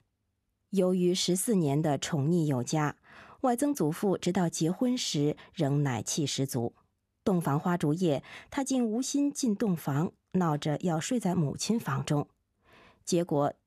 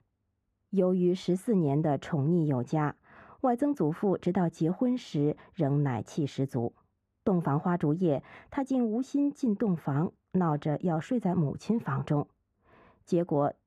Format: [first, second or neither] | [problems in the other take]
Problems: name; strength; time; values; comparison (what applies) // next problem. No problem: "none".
first | muffled; very; fading above 3 kHz